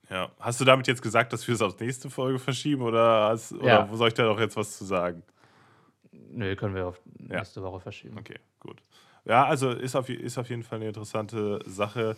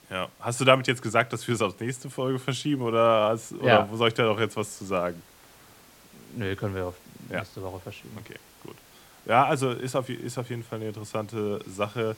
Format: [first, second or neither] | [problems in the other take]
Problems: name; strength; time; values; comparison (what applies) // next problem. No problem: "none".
first | hiss; faint; throughout; 25 dB below the speech